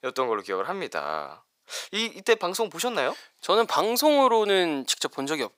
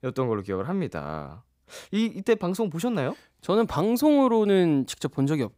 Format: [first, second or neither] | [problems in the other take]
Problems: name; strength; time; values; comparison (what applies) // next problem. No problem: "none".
second | thin; somewhat; fading below 600 Hz